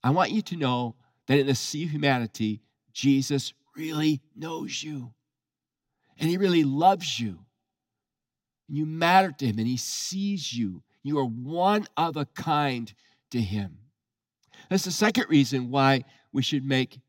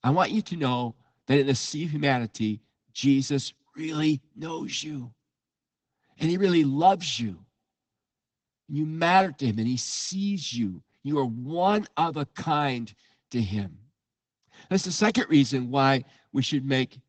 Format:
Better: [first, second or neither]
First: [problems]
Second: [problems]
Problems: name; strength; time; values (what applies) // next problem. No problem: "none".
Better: first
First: none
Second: garbled, watery; badly; nothing above 7 kHz